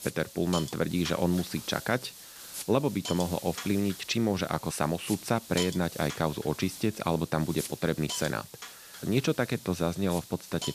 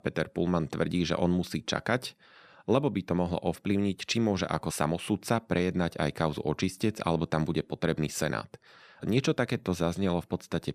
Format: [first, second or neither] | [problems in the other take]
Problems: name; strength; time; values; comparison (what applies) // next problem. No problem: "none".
second | hiss; noticeable; throughout; 10 dB below the speech